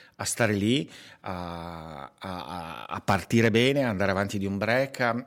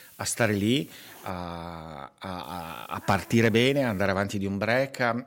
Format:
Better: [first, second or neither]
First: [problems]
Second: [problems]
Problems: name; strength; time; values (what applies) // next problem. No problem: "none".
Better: first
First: none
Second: hiss; faint; until 1.5 s and from 2.5 to 4 s; 25 dB below the speech